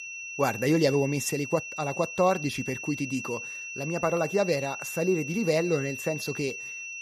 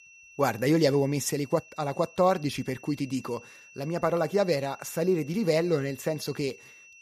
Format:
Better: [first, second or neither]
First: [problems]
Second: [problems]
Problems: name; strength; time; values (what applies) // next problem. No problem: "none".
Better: second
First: high-pitched whine; loud; throughout; 2.5 kHz, 8 dB below the speech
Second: high-pitched whine; faint; throughout; 2.5 kHz, 20 dB below the speech